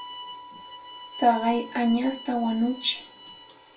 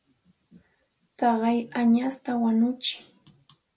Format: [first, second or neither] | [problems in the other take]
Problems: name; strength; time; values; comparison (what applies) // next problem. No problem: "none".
second | background sound (Bowed string instrument); 15 dB below the speech // room echo; dies away in 0.2 s